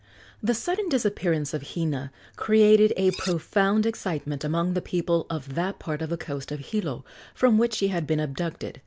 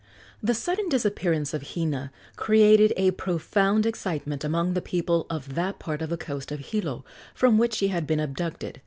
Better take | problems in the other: second | background sound (Cutlery, silverware); 17 dB below the speech

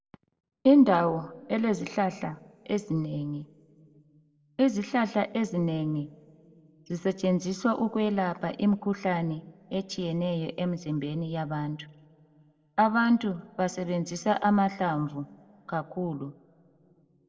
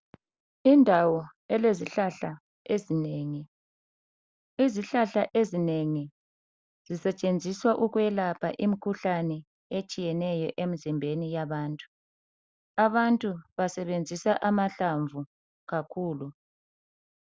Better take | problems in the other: second | room echo; dies away in 1.1 s

